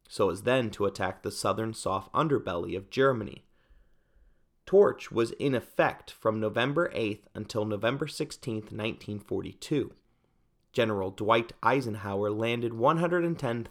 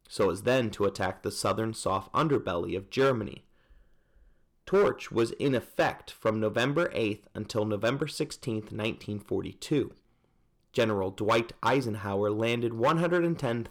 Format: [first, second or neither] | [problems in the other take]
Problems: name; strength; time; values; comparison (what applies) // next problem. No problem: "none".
first | distortion; slight; 3% of the sound clipped